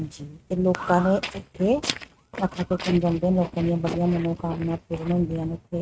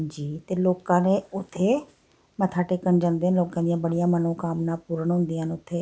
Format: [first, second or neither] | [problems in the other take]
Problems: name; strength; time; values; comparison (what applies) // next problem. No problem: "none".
second | noise reduction (neural mask model RNNoise)